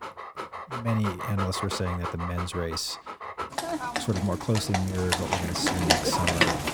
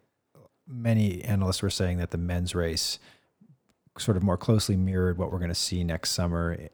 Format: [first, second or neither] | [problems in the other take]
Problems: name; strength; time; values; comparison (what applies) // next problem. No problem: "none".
second | animal sounds; very loud; throughout; as loud as the speech